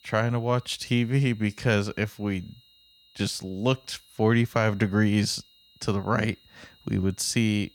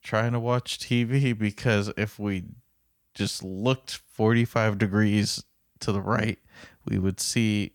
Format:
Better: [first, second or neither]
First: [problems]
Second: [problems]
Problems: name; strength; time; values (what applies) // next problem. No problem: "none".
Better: second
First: high-pitched whine; faint; throughout; 4 kHz, 30 dB below the speech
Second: none